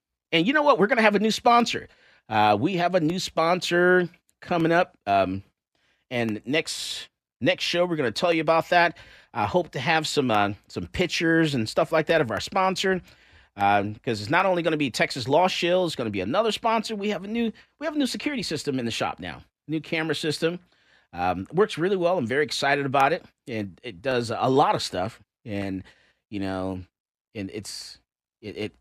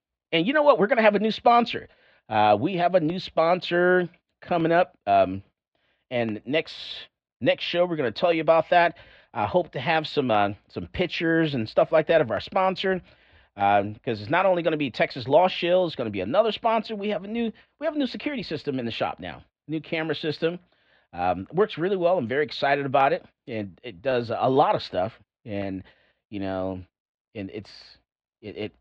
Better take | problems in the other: first | muffled; slightly; fading above 3.5 kHz

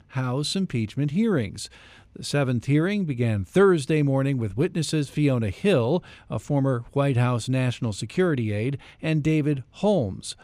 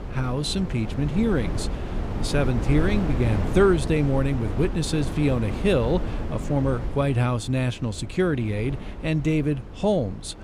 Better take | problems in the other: first | wind noise on the microphone; heavy; 9 dB below the speech

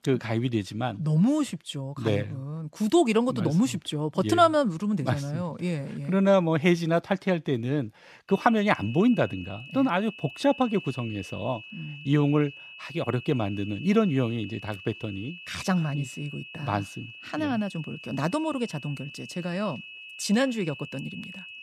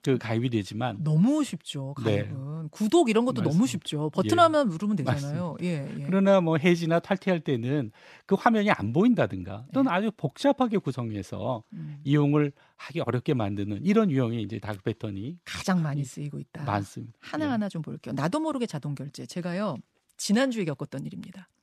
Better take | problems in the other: second | high-pitched whine; noticeable; from 8.5 s on; 2.5 kHz, 15 dB below the speech

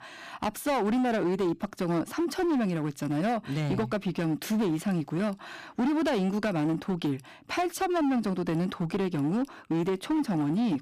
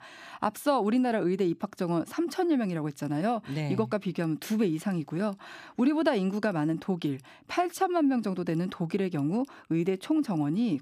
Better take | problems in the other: second | distortion; slight; 19% of the sound clipped

